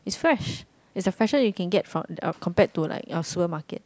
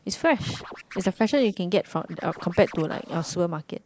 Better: first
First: none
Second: noise reduction (neural mask model Resemble Enhance denoiser)

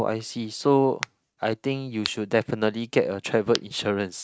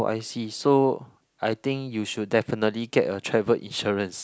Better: second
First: noise reduction (neural mask model RNNoise)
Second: none

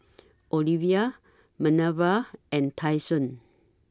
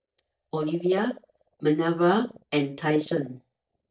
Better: first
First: none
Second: noise reduction (neural mask model DeepFilterNet 3)

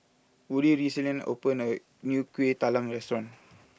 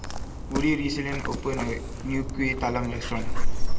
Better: first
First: none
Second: background sound (Dog); 5 dB above the speech // room echo; dies away in 2.5 s

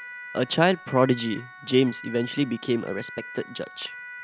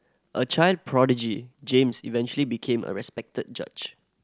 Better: second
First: background sound (Siren); 15 dB below the speech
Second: none

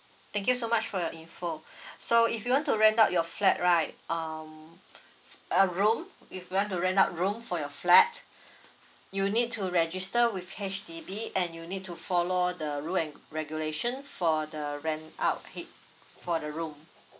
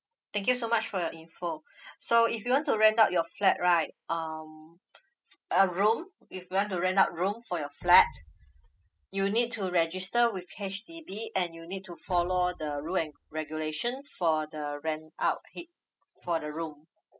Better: first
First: none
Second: noise reduction (classical method spectral subtraction)

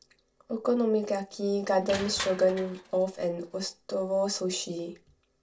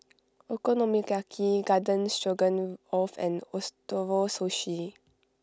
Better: second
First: background sound (Crushing); 14 dB below the speech // room echo; dies away in 0.2 s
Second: none

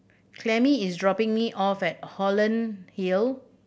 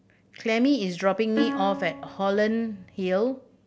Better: first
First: none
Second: background sound (Plucked string instrument); 7 dB below the speech

